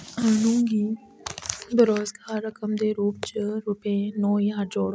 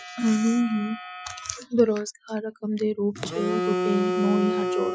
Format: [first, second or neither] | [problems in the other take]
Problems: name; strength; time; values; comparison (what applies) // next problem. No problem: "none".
first | noise reduction (classical method Wiener filter)